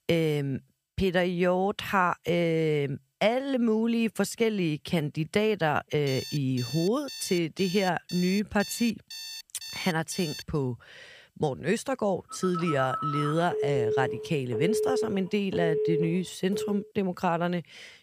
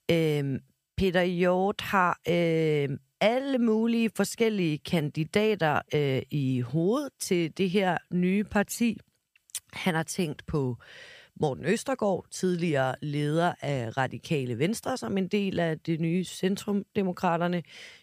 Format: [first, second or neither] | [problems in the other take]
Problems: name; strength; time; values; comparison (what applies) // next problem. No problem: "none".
second | alarm; noticeable; from 6 to 10 s; peak 9 dB below the speech // phone ringing; loud; from 12 to 17 s; peak 1 dB above the speech